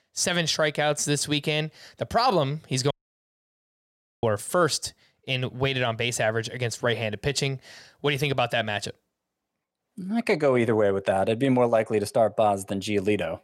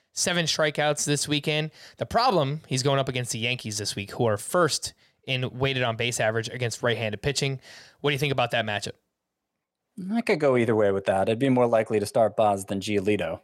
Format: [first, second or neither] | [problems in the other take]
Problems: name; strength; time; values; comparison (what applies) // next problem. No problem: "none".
second | audio cutting out; at 3 s for 1.5 s